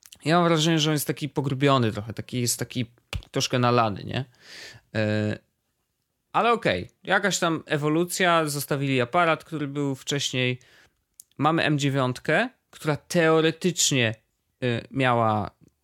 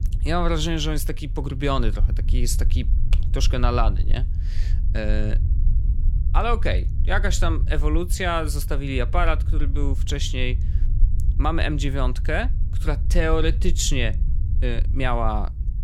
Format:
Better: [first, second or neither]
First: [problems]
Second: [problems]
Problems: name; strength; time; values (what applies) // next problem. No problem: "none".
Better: first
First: none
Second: low rumble; noticeable; throughout; 15 dB below the speech